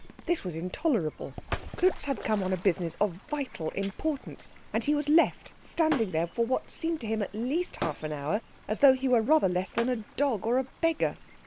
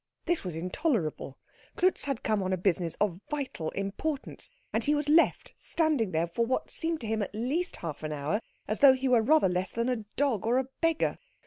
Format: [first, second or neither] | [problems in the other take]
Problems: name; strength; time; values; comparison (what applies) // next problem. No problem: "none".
second | background sound (Shatter + Bird / Fowl); 14 dB below the speech